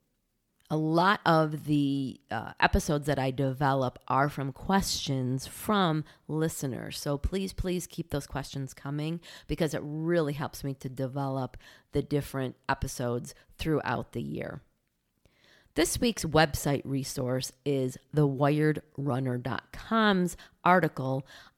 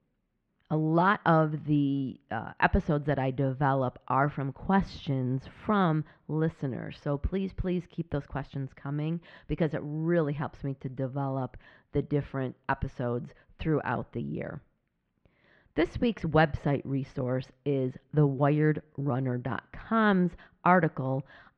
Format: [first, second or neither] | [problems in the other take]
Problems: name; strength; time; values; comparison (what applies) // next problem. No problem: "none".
first | muffled; very; fading above 2.5 kHz